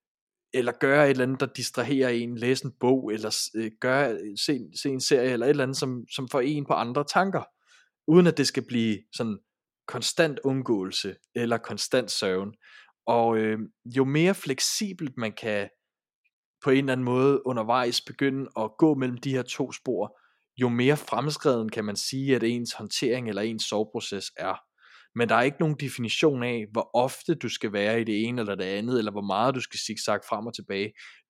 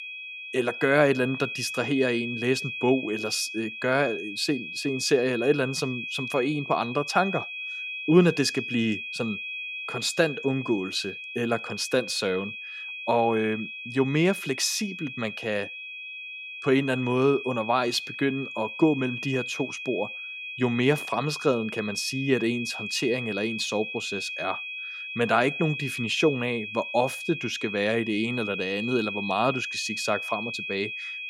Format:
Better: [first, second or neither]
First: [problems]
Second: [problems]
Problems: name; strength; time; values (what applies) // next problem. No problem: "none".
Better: first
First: none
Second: high-pitched whine; loud; throughout; 2.5 kHz, 7 dB below the speech